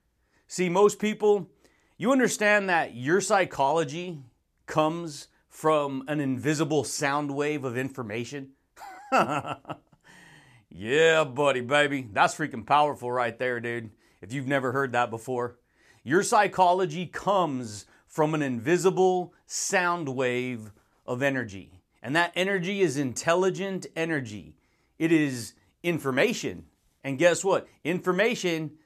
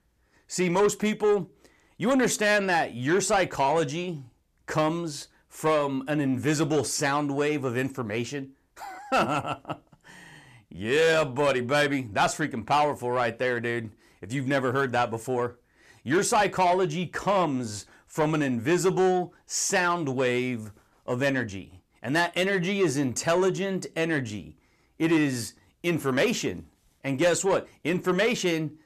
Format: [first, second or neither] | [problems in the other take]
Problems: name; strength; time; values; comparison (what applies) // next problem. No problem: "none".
first | distortion; slight; 10 dB below the speech